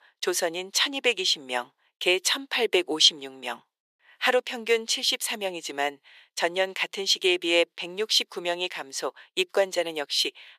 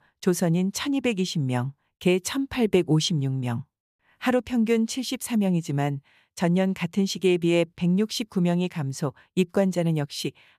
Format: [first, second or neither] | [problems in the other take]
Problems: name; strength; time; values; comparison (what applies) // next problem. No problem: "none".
second | thin; very; fading below 400 Hz